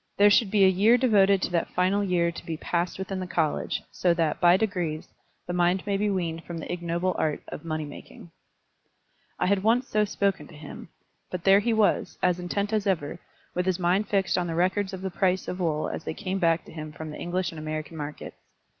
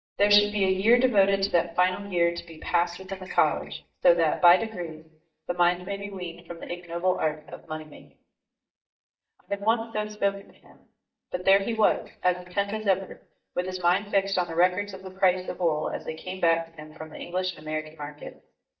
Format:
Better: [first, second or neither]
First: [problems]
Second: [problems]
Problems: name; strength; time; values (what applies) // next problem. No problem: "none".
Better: first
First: none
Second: noise reduction (neural mask model DeepFilterNet 3)